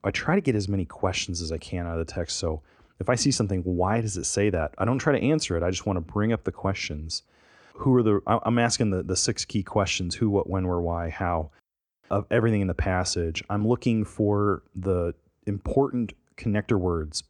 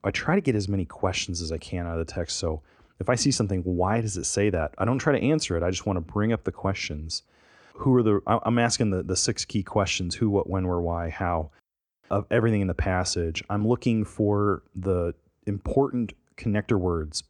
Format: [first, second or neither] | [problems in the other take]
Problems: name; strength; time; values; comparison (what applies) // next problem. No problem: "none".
neither | none